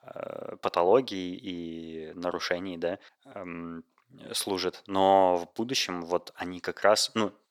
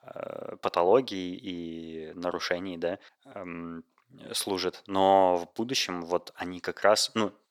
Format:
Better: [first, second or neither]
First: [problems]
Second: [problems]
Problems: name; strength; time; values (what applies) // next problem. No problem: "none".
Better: neither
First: thin; somewhat; fading below 450 Hz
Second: thin; somewhat; fading below 450 Hz